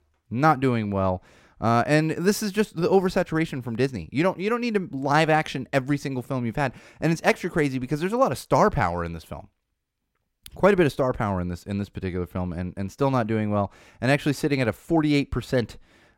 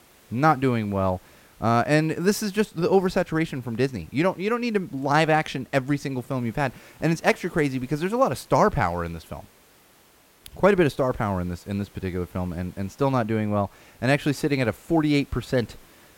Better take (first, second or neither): first